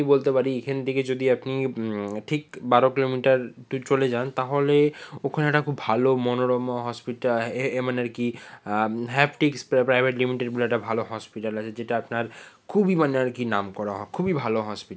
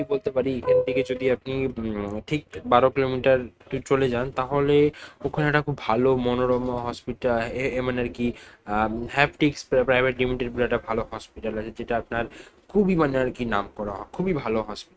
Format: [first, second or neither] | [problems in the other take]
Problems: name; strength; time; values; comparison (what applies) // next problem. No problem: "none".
first | noise reduction (neural mask model RNNoise)